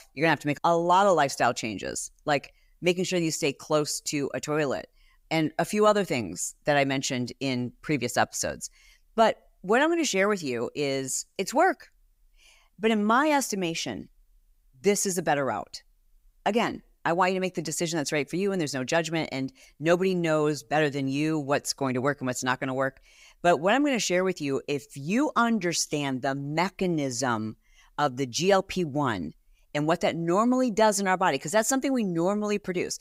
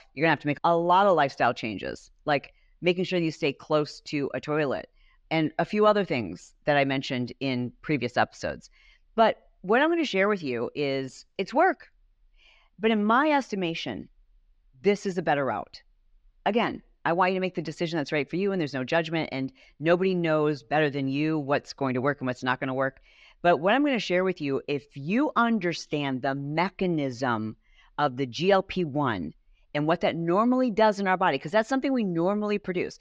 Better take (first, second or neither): first